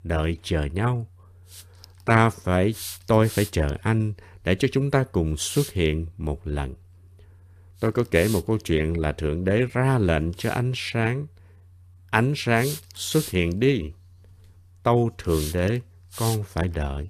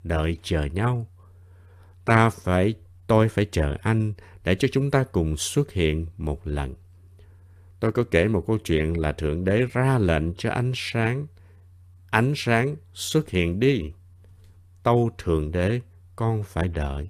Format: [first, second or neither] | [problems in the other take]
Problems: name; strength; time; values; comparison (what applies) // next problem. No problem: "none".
second | hiss; noticeable; from 1.5 to 6 s, from 8 to 10 s and from 13 s on; 10 dB below the speech